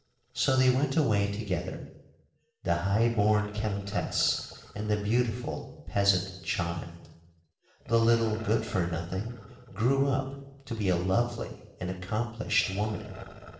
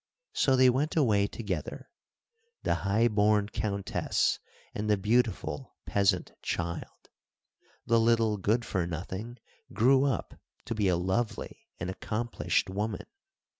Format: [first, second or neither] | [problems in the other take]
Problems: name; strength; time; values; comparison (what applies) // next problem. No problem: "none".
second | noise reduction (neural separator model SepFormer DNS4)